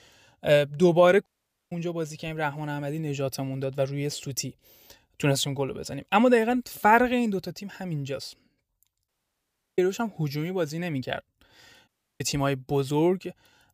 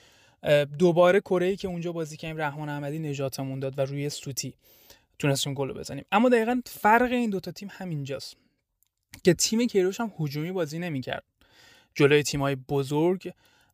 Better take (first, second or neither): second